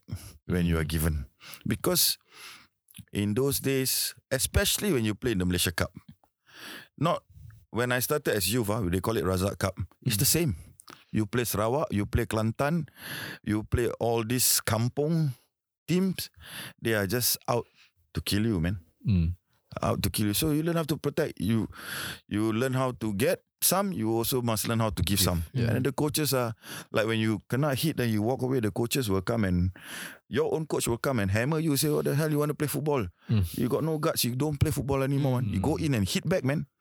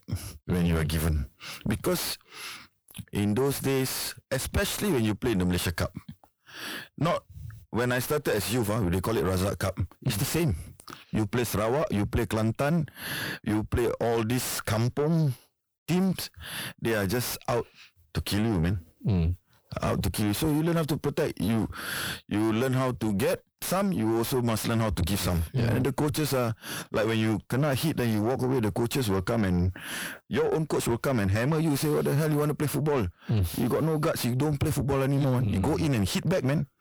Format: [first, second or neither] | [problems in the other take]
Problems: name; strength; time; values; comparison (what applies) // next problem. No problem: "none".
first | distortion; heavy; 7 dB below the speech